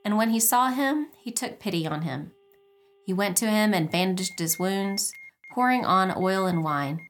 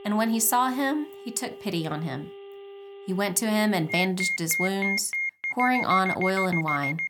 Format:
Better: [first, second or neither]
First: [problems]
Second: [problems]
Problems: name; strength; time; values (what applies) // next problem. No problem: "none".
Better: first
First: alarms or sirens; faint; throughout; 20 dB below the speech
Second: alarms or sirens; loud; throughout; 2 dB below the speech